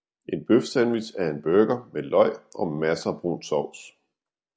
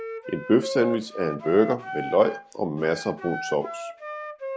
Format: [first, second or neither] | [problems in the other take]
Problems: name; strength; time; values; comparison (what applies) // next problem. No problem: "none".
first | background sound (Wind instrument, woodwind instrument); 9 dB below the speech